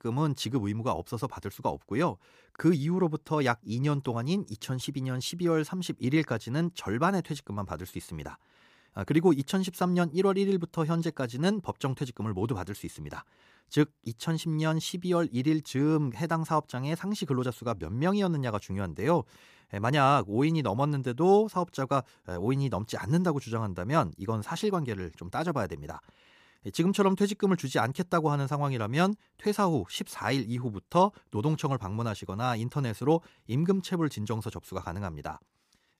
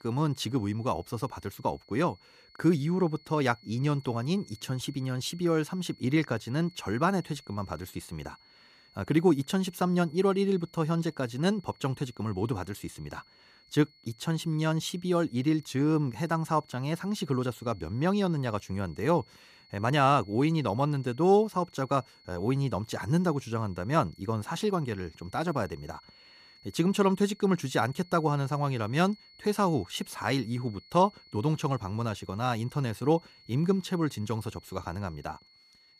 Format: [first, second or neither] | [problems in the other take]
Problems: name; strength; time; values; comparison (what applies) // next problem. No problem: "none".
first | high-pitched whine; faint; throughout; 4.5 kHz, 25 dB below the speech